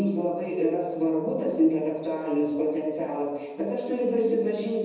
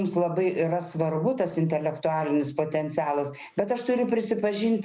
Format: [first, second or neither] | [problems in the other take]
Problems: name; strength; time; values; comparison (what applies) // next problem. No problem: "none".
second | room echo; dies away in 1.1 s